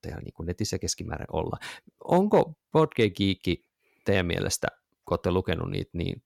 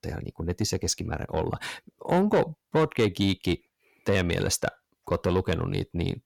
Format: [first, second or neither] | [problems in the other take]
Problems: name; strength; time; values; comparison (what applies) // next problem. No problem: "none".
first | distortion; slight; 10 dB below the speech